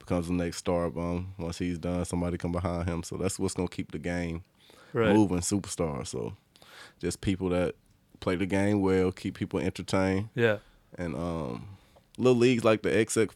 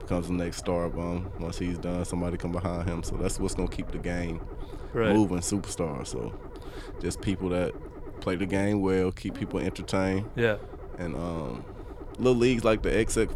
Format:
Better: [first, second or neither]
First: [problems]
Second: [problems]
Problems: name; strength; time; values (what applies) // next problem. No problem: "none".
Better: first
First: none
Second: low rumble; noticeable; throughout; 15 dB below the speech